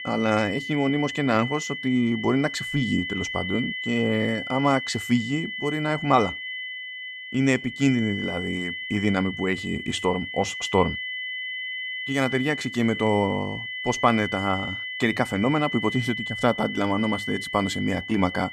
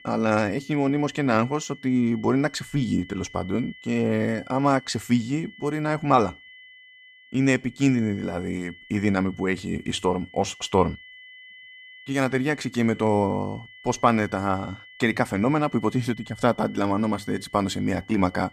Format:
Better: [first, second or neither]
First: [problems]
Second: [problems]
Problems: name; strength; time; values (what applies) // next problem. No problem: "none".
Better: second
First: high-pitched whine; loud; throughout; 2 kHz, 6 dB below the speech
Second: high-pitched whine; faint; throughout; 2 kHz, 20 dB below the speech